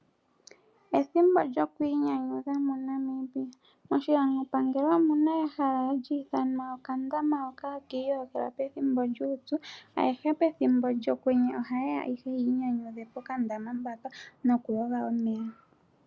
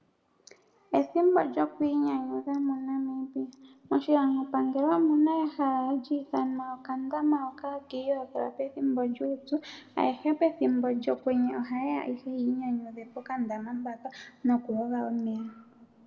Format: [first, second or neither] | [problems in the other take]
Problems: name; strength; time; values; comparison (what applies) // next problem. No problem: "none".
first | room echo; dies away in 1.9 s